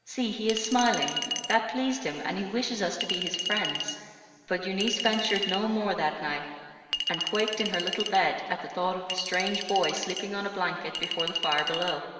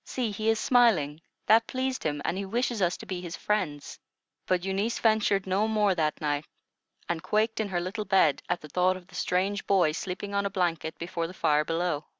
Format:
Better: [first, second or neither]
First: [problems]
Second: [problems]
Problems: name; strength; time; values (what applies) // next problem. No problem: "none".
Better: second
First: background sound (Chink, clink); 6 dB below the speech // room echo; dies away in 2.1 s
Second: none